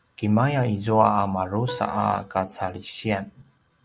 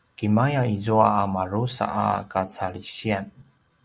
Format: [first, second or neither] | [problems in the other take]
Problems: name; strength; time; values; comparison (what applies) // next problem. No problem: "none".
second | background sound (Plucked string instrument); 17 dB below the speech